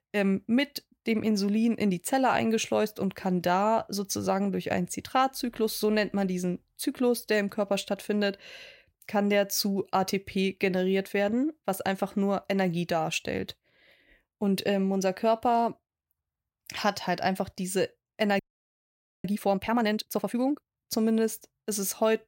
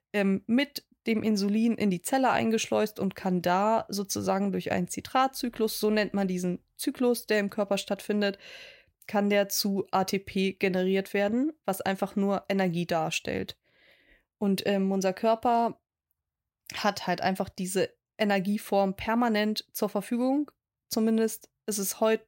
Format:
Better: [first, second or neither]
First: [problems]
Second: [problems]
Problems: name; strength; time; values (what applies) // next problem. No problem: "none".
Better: second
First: audio freezing; at 18 s for 1 s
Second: none